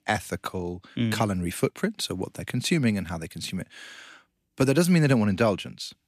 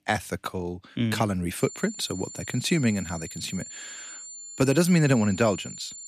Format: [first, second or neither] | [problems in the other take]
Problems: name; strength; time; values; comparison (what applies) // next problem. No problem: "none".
first | high-pitched whine; noticeable; from 1.5 s on; 7 kHz, 10 dB below the speech